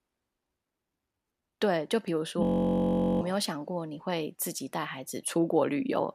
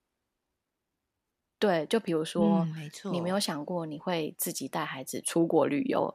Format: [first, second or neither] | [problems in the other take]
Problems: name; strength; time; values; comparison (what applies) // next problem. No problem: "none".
second | audio freezing; at 2.5 s for 1 s